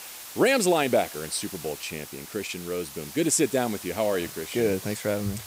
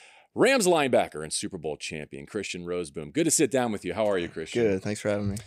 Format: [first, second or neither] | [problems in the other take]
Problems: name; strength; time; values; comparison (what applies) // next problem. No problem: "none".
second | hiss; noticeable; throughout; 10 dB below the speech